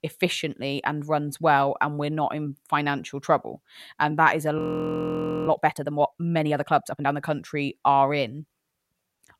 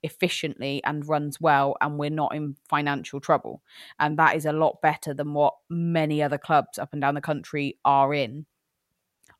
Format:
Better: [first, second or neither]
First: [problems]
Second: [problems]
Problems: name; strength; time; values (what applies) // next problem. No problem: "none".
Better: second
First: audio freezing; at 4.5 s for 1 s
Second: none